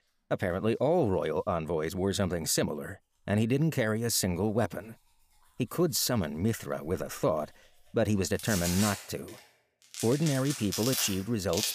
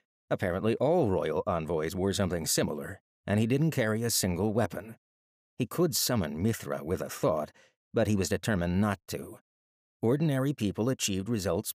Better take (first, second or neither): second